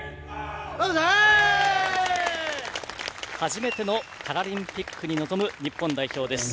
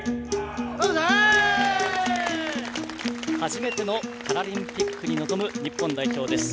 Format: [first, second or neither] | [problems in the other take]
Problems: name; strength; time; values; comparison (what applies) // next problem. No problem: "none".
first | background sound (Acoustic guitar); 3 dB below the speech